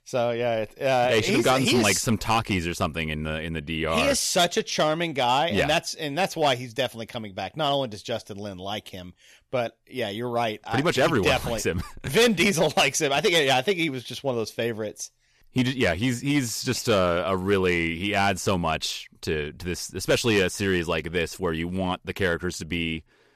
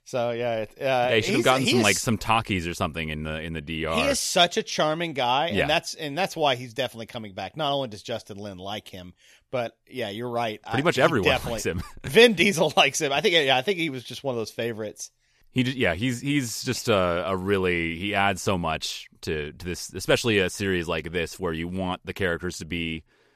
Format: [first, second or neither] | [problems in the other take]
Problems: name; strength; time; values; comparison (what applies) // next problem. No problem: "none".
second | distortion; slight; 3% of the sound clipped